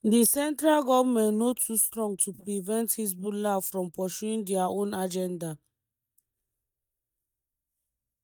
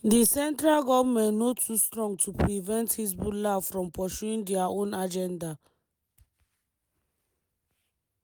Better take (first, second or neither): second